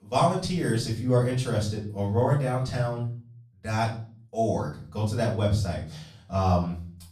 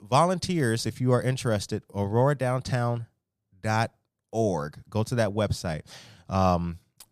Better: second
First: room echo; slight; dies away in 0.4 s // off-mic speech; far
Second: none

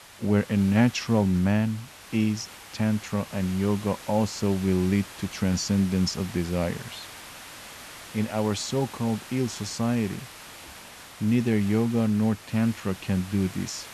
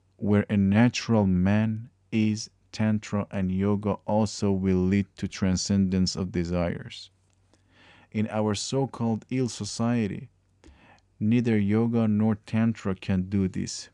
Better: second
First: hiss; noticeable; throughout; 15 dB below the speech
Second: none

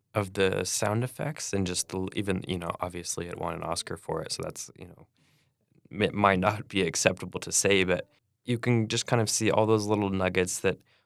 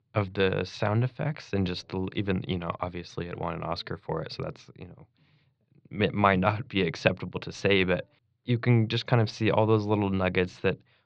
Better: first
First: none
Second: muffled; slightly; fading above 4.5 kHz

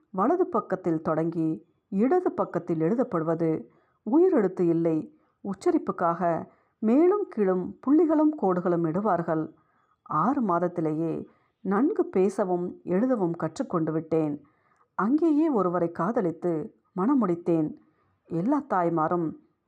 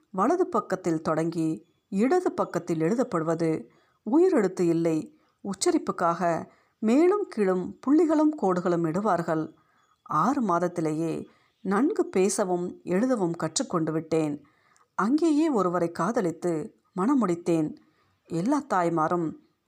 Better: second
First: muffled; very; fading above 2.5 kHz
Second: none

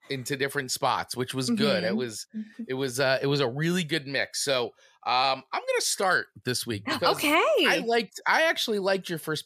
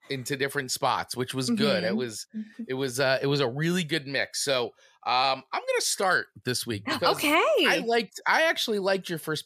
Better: neither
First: none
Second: none

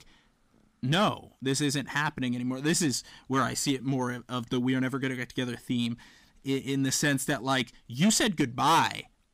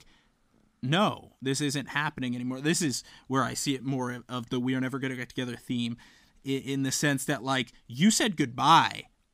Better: second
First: distortion; slight; 3% of the sound clipped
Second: none

